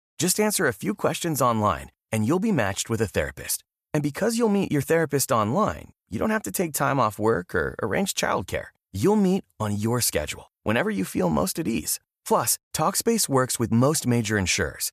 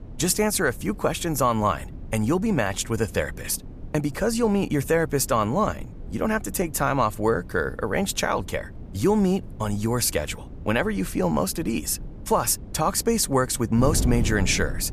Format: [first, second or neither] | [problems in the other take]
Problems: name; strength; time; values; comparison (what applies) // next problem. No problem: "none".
first | wind noise on the microphone; occasional gusts; 20 dB below the speech